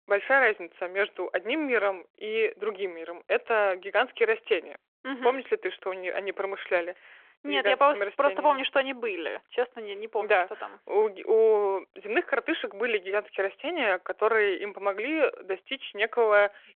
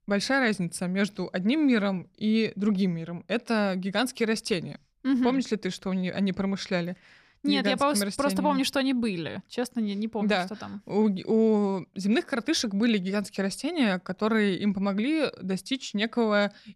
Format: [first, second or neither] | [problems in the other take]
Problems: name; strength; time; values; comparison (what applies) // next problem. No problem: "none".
second | phone-call audio